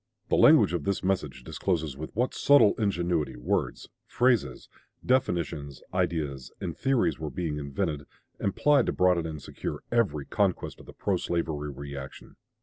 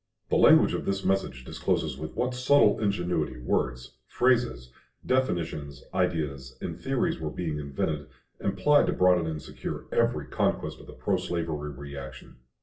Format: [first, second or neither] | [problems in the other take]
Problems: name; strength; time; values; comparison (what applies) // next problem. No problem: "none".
first | room echo; dies away in 0.3 s